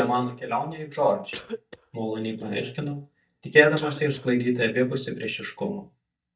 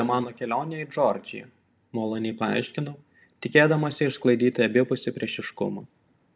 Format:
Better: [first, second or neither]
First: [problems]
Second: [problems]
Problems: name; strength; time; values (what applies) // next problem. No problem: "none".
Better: second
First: noise reduction (neural mask model DeepFilterNet 3)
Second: none